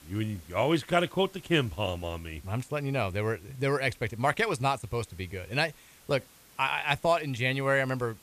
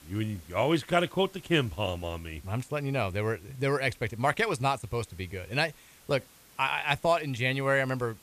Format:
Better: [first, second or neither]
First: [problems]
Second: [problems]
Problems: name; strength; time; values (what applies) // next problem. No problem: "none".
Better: neither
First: hiss; faint; throughout; 25 dB below the speech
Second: hiss; faint; throughout; 25 dB below the speech